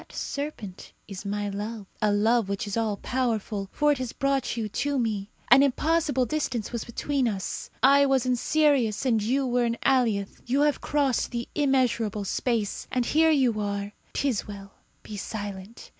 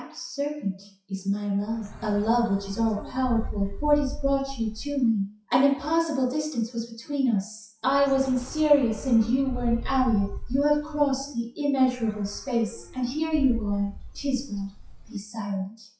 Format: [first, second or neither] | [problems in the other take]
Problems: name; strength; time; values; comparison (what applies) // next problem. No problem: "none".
first | noise reduction (classical method WPE with log-MMSE)